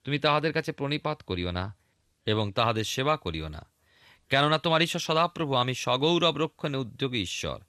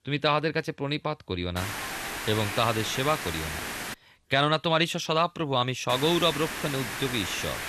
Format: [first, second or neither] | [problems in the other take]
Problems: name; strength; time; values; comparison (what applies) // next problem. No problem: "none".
first | hiss; loud; from 1.5 to 4 s and from 6 s on; 6 dB below the speech